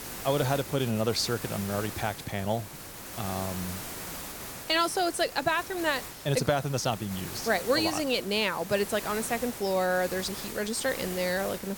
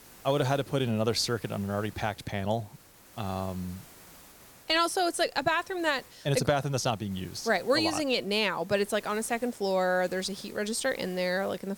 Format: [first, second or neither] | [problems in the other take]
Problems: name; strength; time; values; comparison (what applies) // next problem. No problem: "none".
second | hiss; loud; throughout; 9 dB below the speech; faint in the second